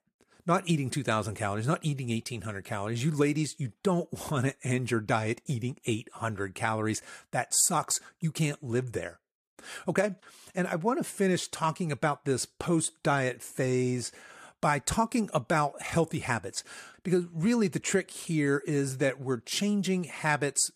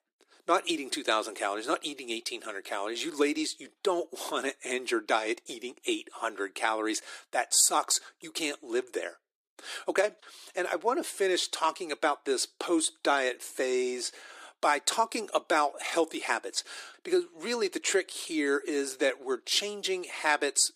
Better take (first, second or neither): first